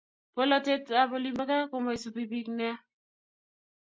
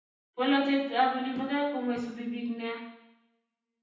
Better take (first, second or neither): first